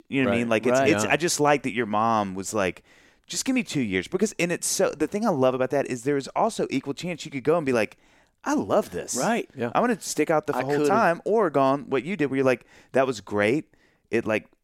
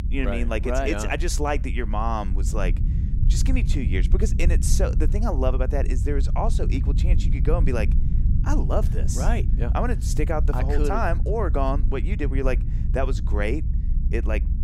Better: first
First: none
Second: low rumble; noticeable; throughout; 10 dB below the speech

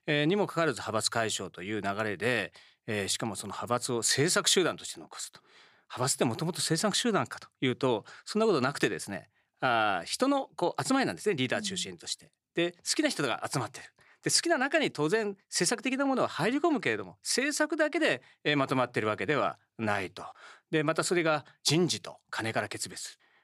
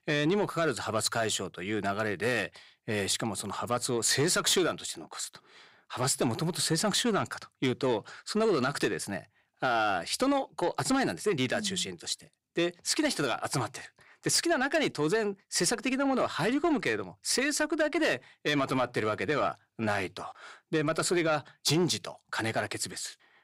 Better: first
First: none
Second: distortion; slight; 10 dB below the speech

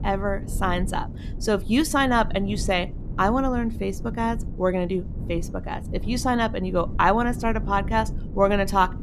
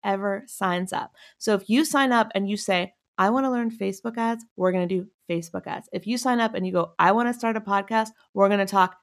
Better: second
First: wind noise on the microphone; occasional gusts; 20 dB below the speech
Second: none

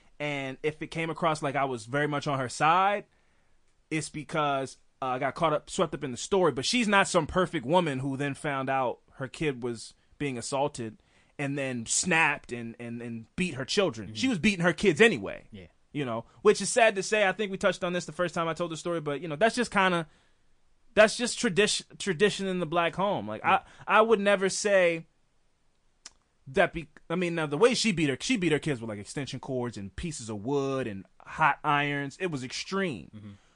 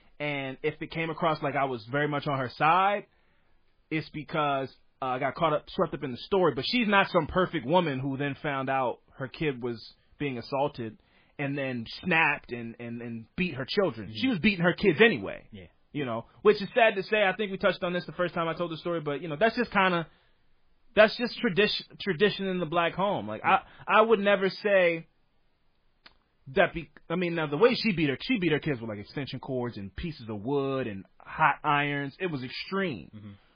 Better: first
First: garbled, watery; slightly; nothing above 8.5 kHz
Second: garbled, watery; badly; nothing above 5 kHz

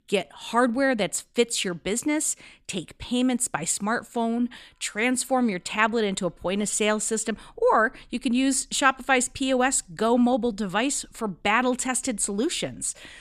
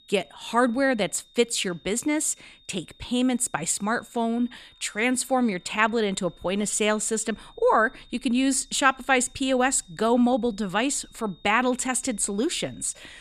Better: first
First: none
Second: high-pitched whine; faint; throughout; 3.5 kHz, 30 dB below the speech

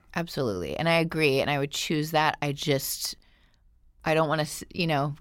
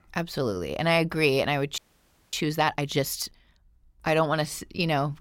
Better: first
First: none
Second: audio freezing; at 2 s for 0.5 s

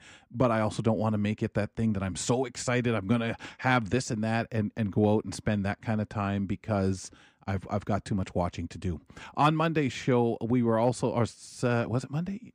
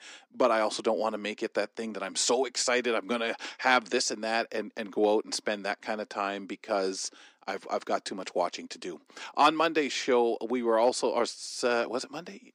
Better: first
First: none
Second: thin; somewhat; fading below 300 Hz

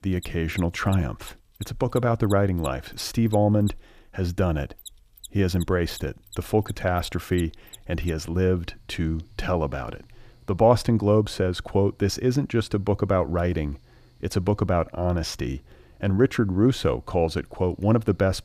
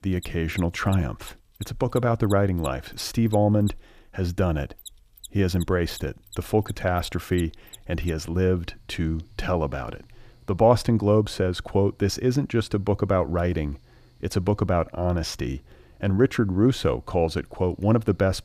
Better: neither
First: machinery noise; faint; throughout; 20 dB below the speech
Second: machinery noise; faint; throughout; 20 dB below the speech

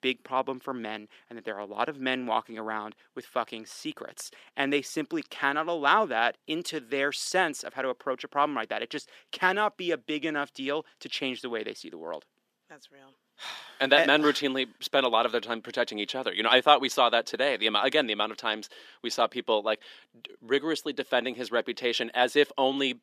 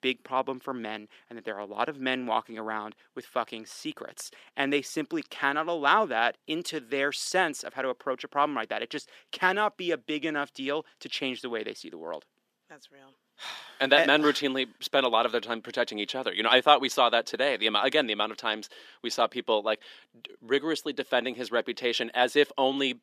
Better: neither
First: thin; very slightly; fading below 300 Hz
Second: thin; very slightly; fading below 300 Hz

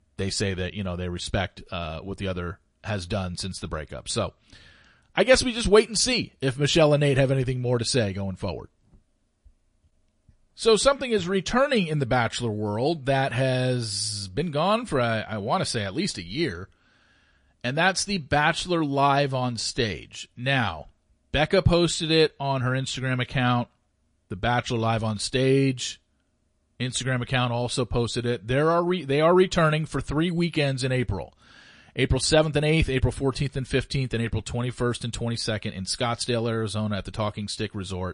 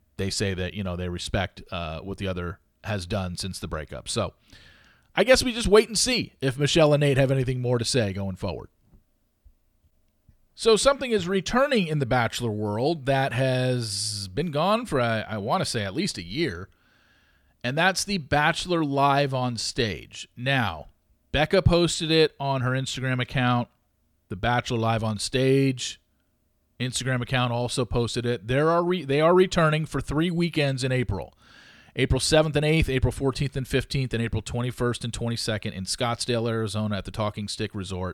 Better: second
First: garbled, watery; slightly; nothing above 10.5 kHz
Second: none

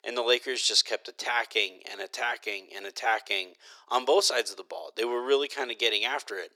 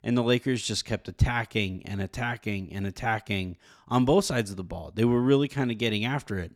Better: second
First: thin; very; fading below 400 Hz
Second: none

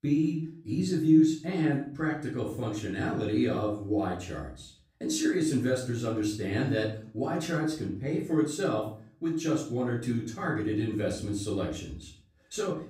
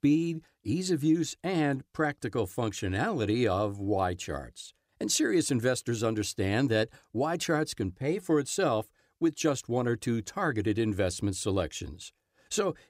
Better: second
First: room echo; slight; dies away in 0.4 s // off-mic speech; far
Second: none

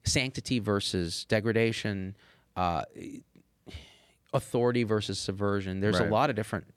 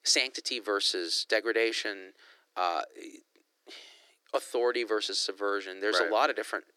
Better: first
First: none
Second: thin; very; fading below 300 Hz

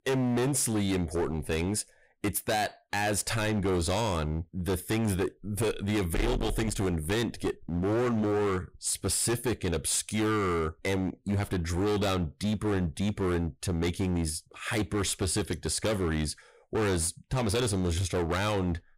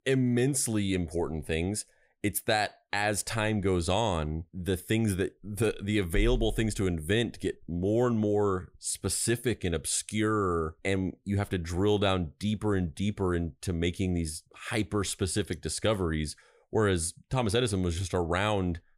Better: second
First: distortion; heavy; 21% of the sound clipped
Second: none

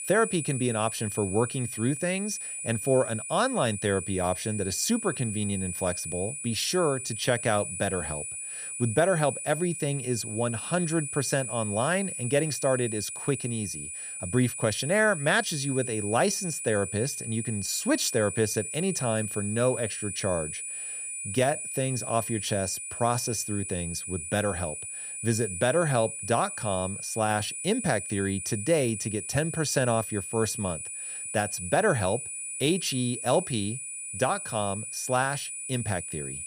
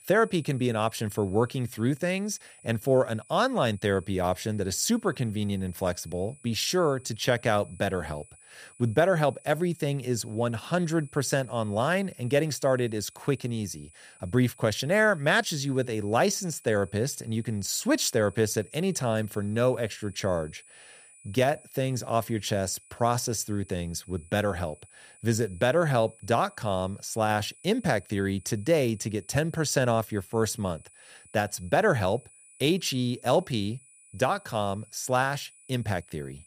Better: second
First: high-pitched whine; loud; throughout; 9.5 kHz, 5 dB below the speech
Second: high-pitched whine; faint; throughout; 9.5 kHz, 25 dB below the speech

